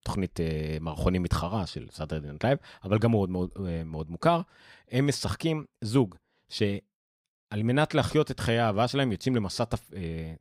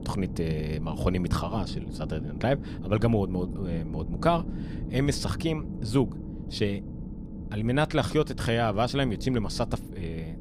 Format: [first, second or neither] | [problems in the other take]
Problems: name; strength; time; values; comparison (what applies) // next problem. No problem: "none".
first | low rumble; noticeable; throughout; 15 dB below the speech